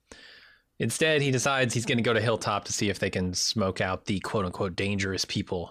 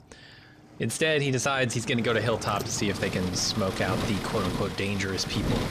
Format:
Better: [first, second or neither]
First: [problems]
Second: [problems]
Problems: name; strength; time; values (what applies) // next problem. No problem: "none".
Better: first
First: none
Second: rain or running water; loud; throughout; 6 dB below the speech